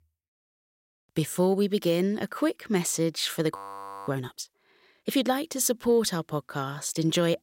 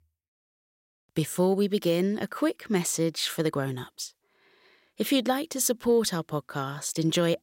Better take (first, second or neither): second